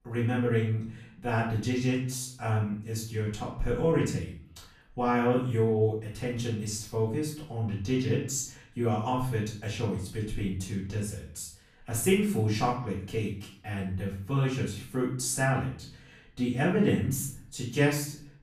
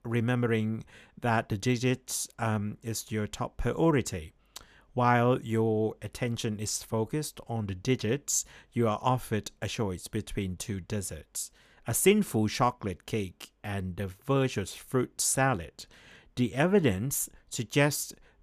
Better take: second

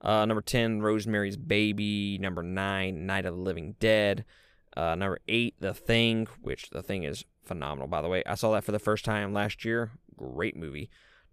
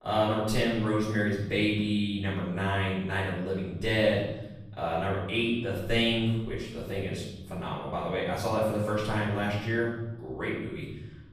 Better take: first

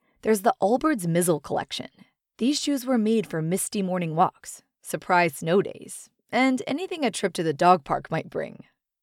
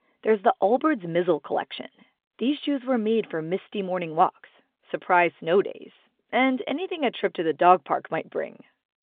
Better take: first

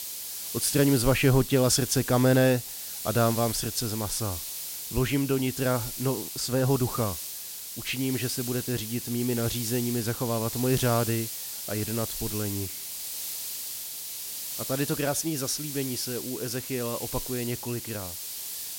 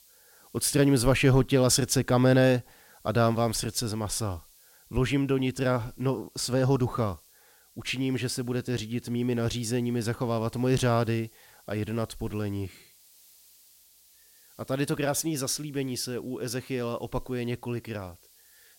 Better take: second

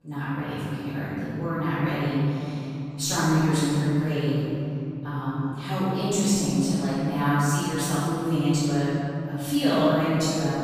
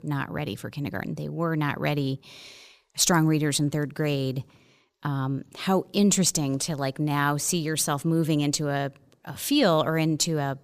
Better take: second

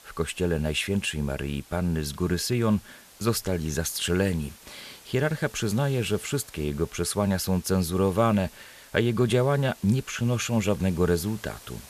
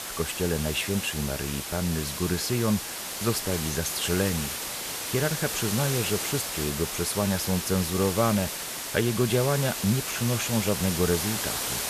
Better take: first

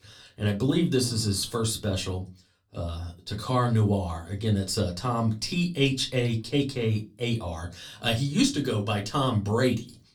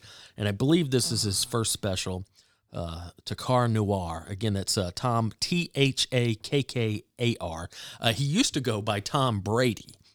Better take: second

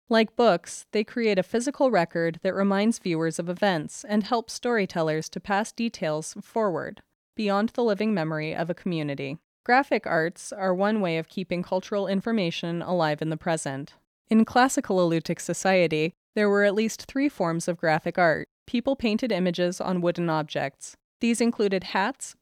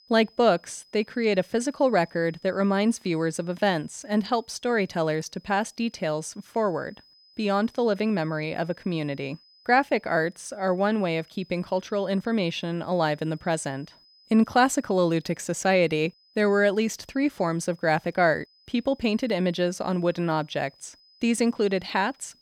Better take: first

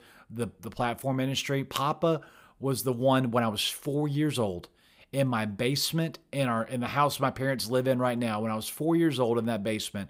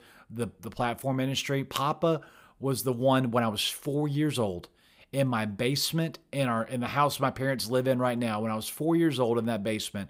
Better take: neither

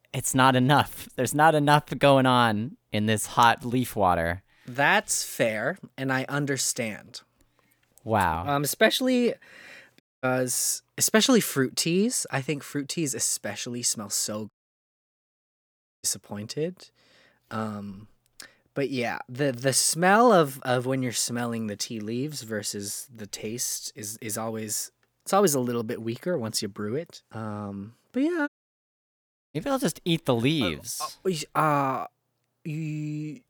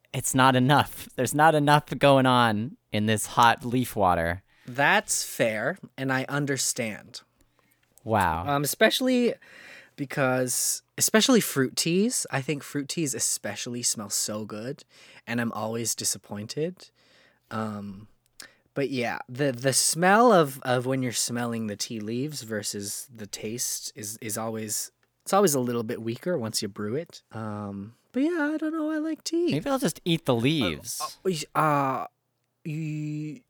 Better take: second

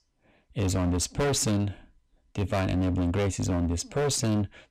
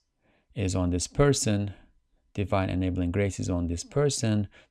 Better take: second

